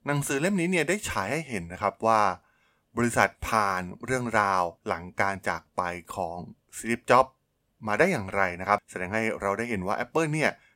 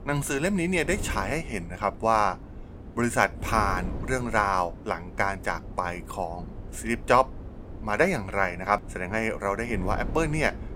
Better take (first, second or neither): first